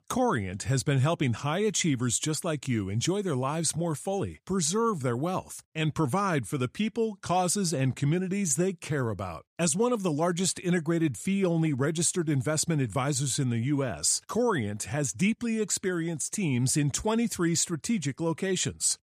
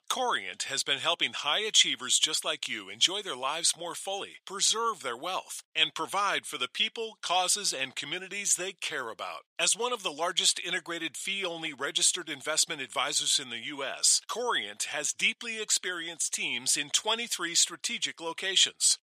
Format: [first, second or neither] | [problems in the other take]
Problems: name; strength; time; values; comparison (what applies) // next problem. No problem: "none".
first | thin; very; fading below 700 Hz